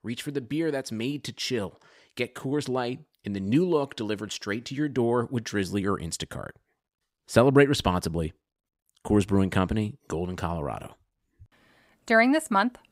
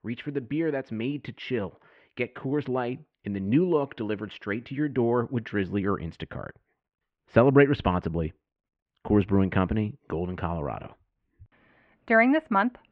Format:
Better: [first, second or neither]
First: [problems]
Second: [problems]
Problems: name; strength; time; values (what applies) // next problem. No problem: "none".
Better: first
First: none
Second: muffled; very; fading above 2.5 kHz